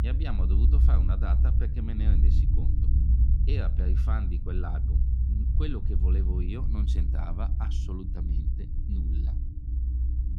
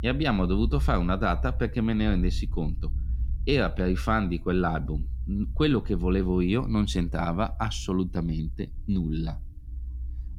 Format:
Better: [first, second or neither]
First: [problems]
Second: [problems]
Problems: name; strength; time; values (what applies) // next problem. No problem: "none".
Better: second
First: low rumble; loud; throughout; 2 dB below the speech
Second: low rumble; faint; throughout; 25 dB below the speech